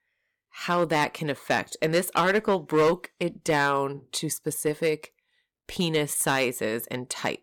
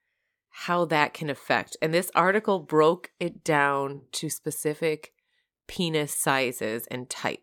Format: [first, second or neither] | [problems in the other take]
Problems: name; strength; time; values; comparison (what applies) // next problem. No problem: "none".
second | distortion; slight; 3% of the sound clipped